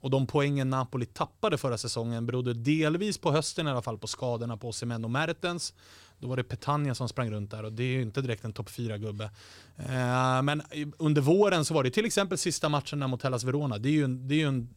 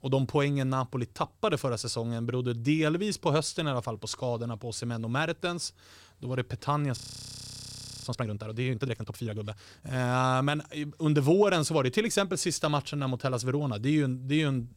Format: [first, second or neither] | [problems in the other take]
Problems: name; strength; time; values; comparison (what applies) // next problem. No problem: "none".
first | audio freezing; at 7 s for 1 s